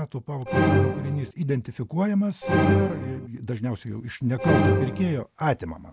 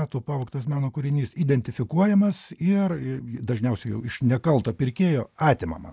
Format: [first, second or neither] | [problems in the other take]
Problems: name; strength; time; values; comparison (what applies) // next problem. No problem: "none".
second | background sound (Musical instrument); 1 dB above the speech